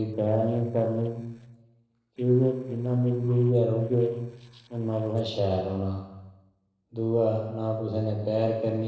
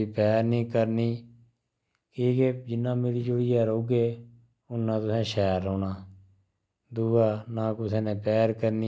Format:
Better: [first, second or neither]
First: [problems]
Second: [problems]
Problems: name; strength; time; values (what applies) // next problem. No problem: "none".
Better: second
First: noise reduction (neural separator model SepFormer DNS4)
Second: none